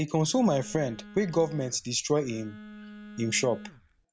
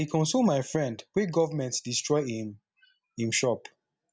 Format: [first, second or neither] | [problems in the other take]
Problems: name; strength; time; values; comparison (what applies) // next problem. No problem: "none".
second | background sound (Telephone); 18 dB below the speech